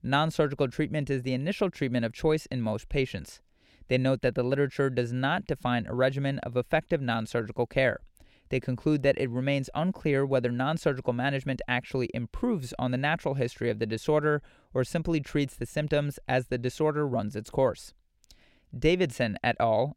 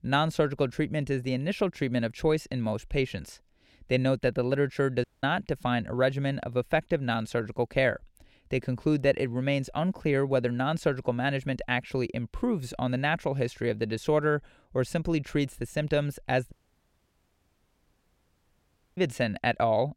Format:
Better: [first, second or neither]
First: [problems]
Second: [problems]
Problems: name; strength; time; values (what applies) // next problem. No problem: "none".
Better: first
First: none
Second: audio cutting out; at 5 s and at 17 s for 2.5 s